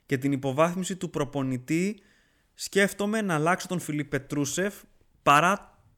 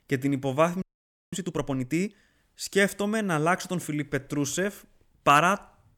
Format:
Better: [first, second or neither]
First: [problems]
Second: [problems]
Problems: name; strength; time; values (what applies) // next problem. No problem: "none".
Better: first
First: none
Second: audio freezing; at 1 s for 0.5 s